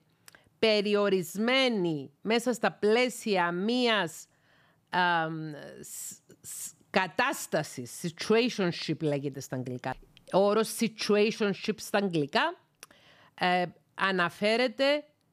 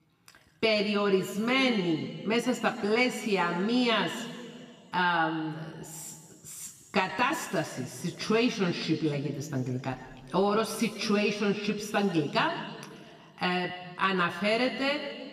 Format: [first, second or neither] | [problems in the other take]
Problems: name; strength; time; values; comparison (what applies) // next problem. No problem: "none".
first | room echo; slight; dies away in 1.9 s